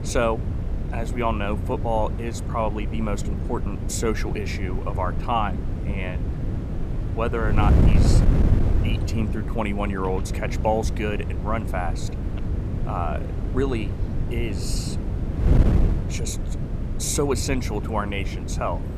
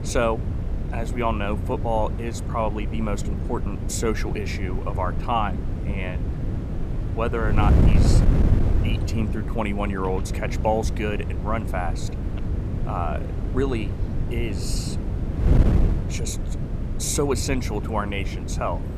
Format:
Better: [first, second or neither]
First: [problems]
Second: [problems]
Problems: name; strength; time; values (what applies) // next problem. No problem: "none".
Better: neither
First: wind noise on the microphone; heavy; 8 dB below the speech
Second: wind noise on the microphone; heavy; 8 dB below the speech